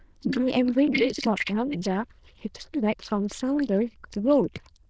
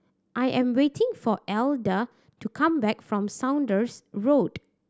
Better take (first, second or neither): second